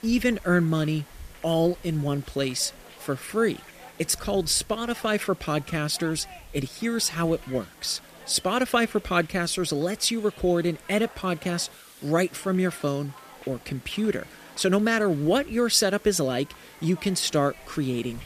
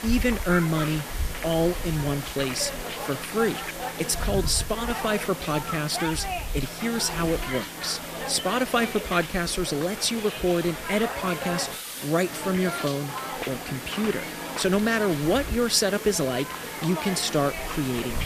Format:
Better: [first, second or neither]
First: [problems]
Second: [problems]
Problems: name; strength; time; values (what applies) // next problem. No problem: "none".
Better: first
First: hiss; faint; throughout; 20 dB below the speech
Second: hiss; loud; throughout; 6 dB below the speech